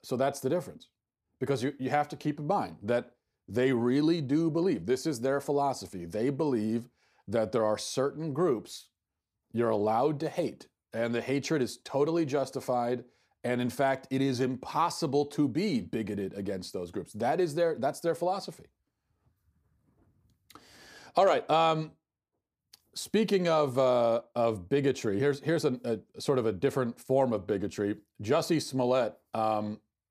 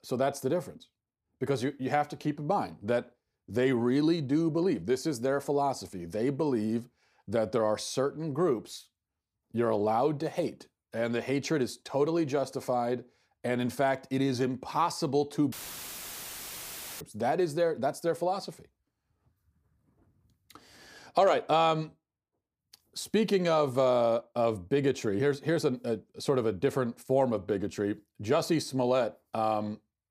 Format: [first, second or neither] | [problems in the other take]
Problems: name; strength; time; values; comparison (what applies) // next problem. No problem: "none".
first | audio cutting out; filled with static; at 16 s for 1.5 s